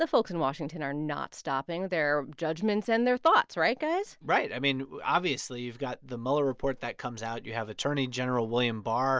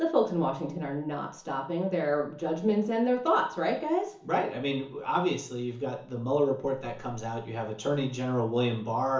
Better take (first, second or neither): first